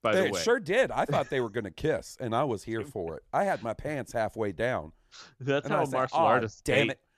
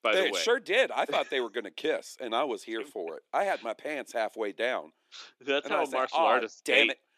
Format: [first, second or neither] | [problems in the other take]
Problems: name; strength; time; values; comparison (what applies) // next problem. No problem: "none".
first | thin; somewhat; fading below 300 Hz